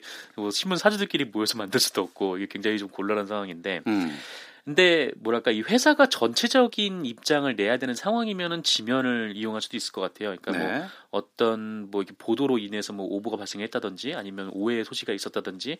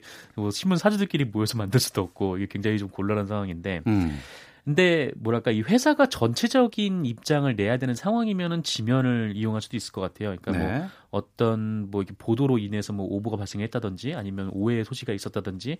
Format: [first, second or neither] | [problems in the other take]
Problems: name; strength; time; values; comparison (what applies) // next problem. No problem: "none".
second | thin; very slightly; fading below 250 Hz